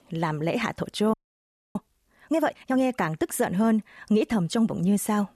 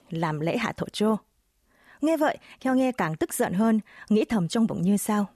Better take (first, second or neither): second